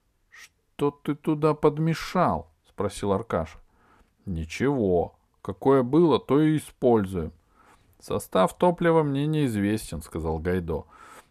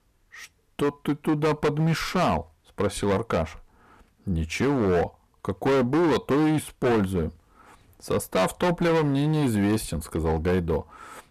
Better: first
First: none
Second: distortion; heavy; 14% of the sound clipped

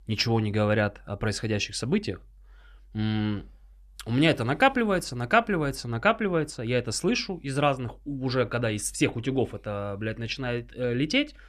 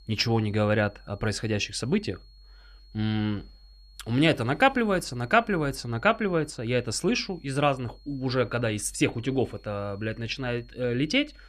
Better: first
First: none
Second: high-pitched whine; faint; throughout; 4.5 kHz, 30 dB below the speech

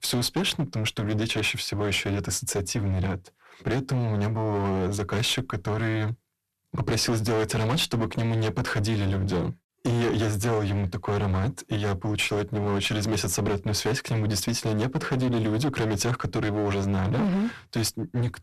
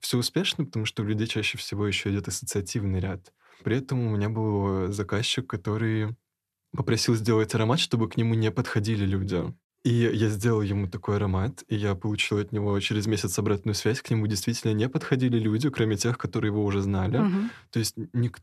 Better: second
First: distortion; heavy; 21% of the sound clipped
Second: none

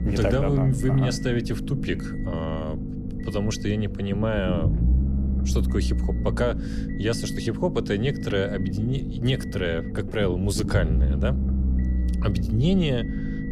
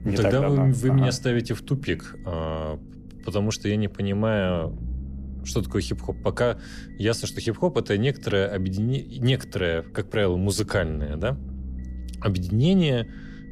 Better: second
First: low rumble; loud; throughout; 8 dB below the speech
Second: low rumble; faint; throughout; 20 dB below the speech

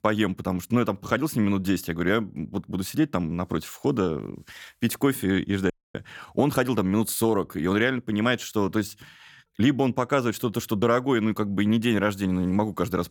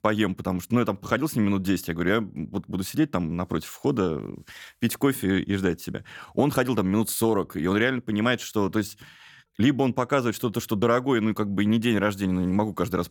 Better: second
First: audio cutting out; at 5.5 s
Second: none

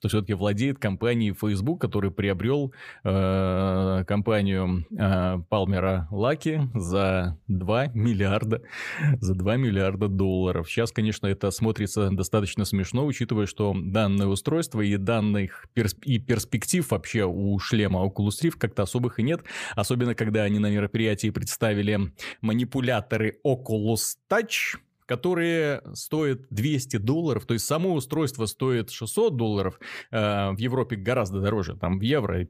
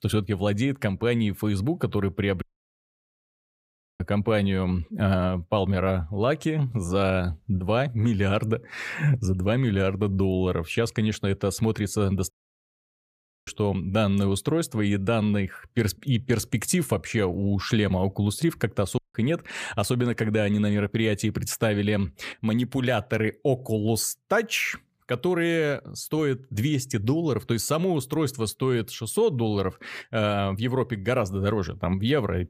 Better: first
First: none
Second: audio cutting out; at 2.5 s for 1.5 s, at 12 s for 1 s and at 19 s

